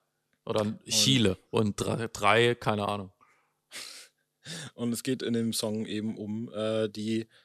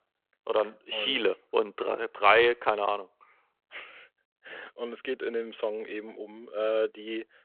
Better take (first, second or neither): first